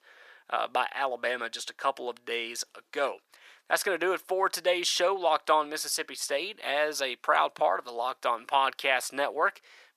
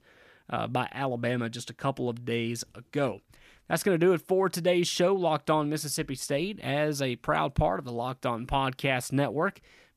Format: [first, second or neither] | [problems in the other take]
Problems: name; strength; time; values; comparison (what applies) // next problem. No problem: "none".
second | thin; very; fading below 500 Hz